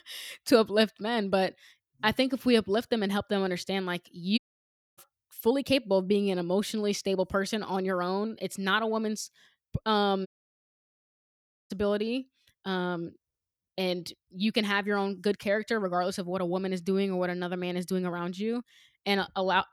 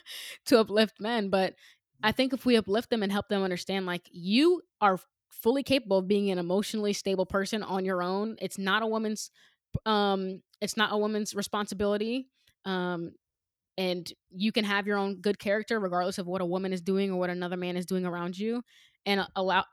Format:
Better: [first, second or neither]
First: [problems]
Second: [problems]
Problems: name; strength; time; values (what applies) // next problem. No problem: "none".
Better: second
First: audio cutting out; at 4.5 s for 0.5 s and at 10 s for 1.5 s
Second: none